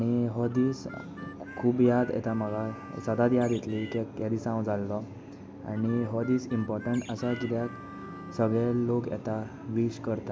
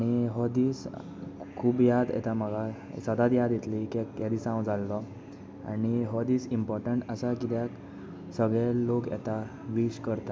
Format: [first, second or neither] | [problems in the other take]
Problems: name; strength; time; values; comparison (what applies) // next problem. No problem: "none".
second | background sound (Harmonica + Bird); 19 dB below the speech